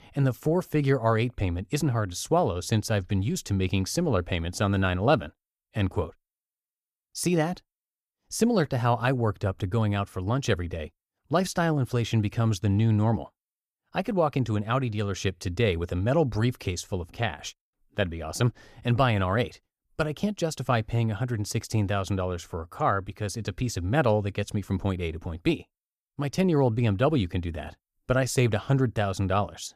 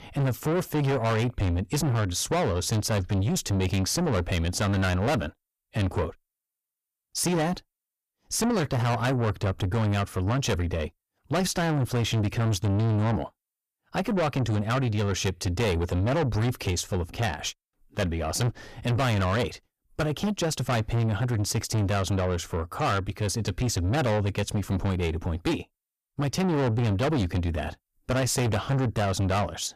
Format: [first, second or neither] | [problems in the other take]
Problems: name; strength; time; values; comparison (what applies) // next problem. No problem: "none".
first | distortion; heavy; 6 dB below the speech